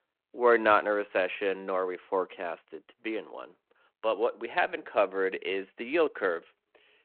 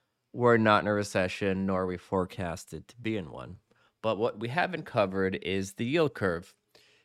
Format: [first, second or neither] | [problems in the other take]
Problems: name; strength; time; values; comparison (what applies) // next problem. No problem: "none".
second | phone-call audio